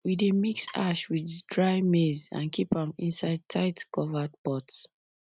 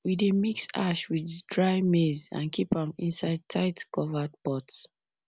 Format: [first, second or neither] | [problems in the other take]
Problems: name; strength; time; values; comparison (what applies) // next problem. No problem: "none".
second | noise reduction (neural mask model RNNoise)